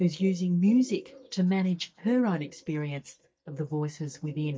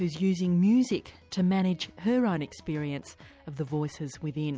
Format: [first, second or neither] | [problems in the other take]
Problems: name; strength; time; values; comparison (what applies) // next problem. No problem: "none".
second | noise reduction (neural mask model DeepFilterNet 3)